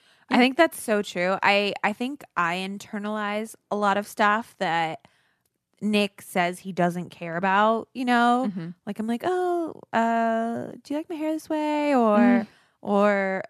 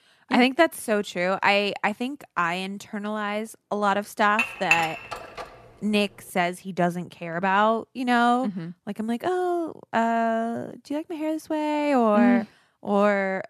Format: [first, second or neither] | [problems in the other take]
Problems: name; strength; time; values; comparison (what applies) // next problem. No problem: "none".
first | clattering dishes; loud; from 4.5 to 5.5 s; peak 2 dB above the speech